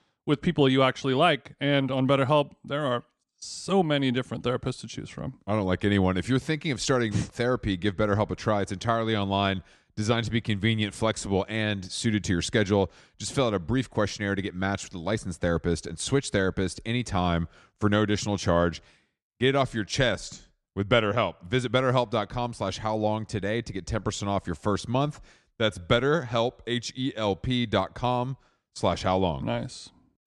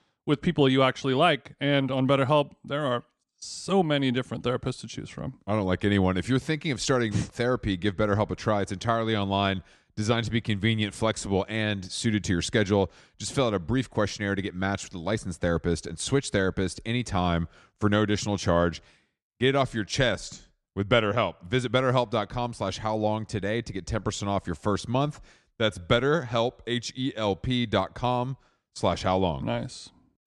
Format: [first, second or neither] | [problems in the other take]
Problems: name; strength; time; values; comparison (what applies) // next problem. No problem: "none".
neither | none